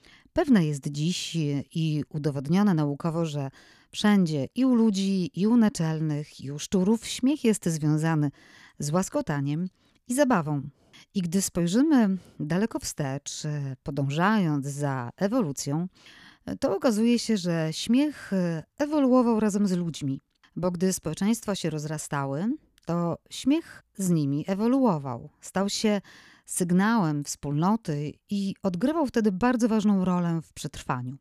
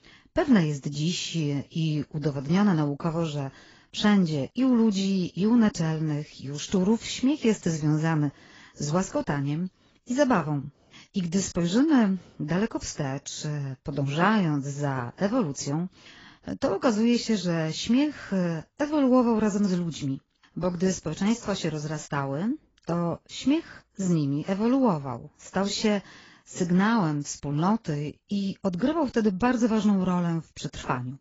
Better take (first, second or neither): first